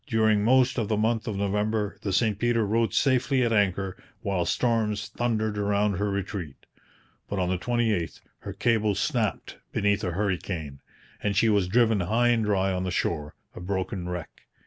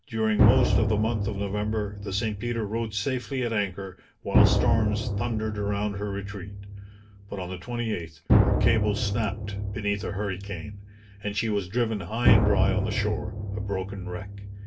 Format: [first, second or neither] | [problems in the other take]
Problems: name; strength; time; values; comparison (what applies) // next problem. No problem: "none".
first | background sound (Drum); 3 dB above the speech // room echo; dies away in 0.2 s